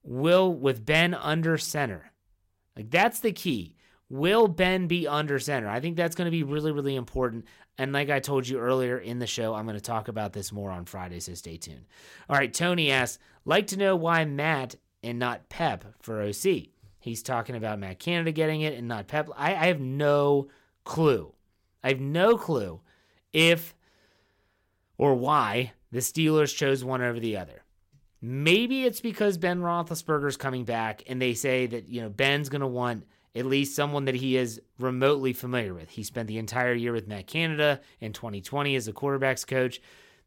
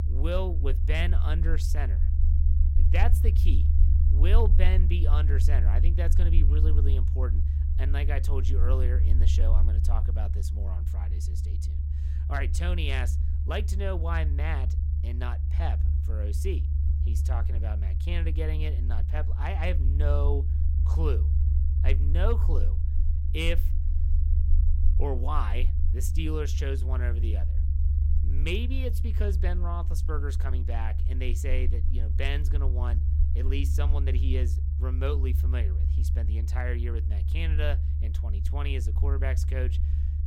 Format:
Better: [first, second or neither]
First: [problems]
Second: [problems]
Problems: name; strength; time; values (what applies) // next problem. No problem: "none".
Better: first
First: none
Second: low rumble; loud; throughout; 7 dB below the speech